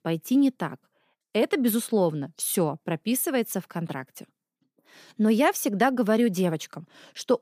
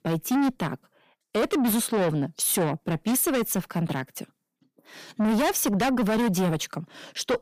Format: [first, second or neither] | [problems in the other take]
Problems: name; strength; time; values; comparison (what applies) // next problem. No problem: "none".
first | distortion; heavy; 6 dB below the speech